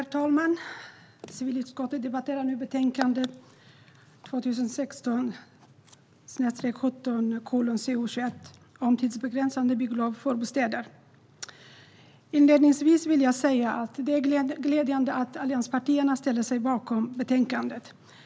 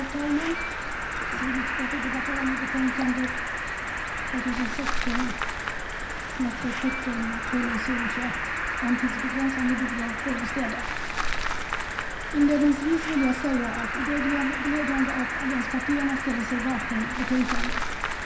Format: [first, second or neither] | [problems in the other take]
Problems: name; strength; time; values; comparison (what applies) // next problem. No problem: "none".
first | background sound (Cricket); 1 dB below the speech // room echo; dies away in 0.5 s